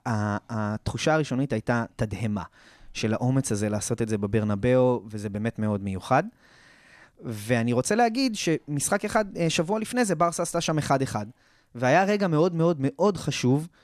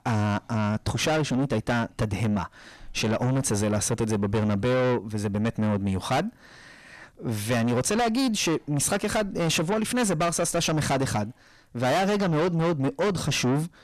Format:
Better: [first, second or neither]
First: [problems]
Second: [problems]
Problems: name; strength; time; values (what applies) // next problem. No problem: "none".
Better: first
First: none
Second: distortion; heavy; 6 dB below the speech